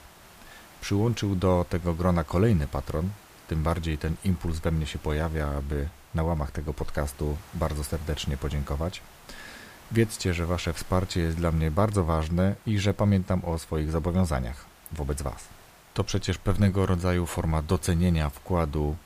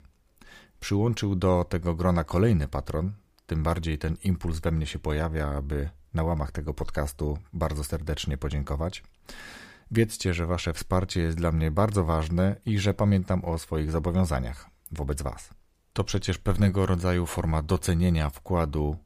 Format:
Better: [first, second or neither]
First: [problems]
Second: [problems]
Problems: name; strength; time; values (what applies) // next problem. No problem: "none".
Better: second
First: hiss; faint; throughout; 25 dB below the speech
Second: none